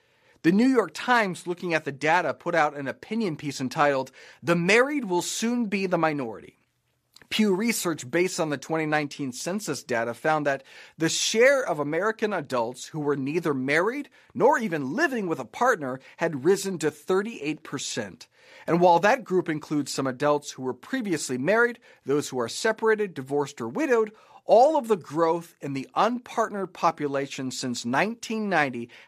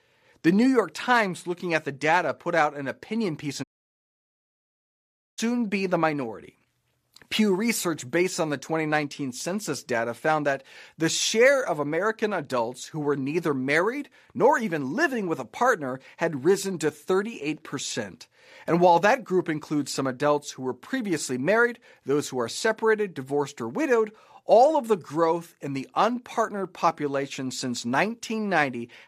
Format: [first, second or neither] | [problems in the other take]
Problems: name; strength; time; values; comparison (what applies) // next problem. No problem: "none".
first | audio cutting out; at 3.5 s for 1.5 s